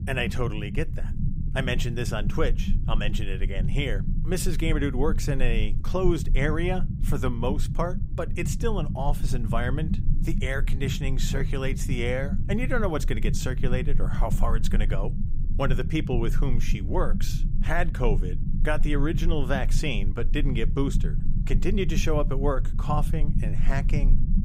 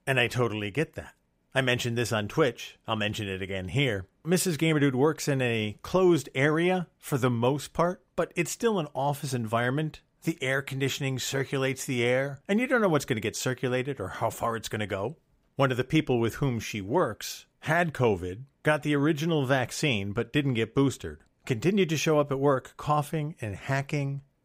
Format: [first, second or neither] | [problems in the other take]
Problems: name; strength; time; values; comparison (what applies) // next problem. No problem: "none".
second | low rumble; noticeable; throughout; 10 dB below the speech